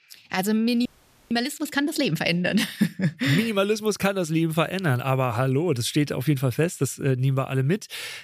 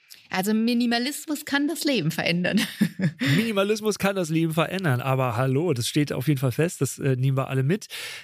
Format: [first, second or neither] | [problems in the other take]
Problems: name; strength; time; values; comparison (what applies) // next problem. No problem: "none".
second | audio freezing; at 1 s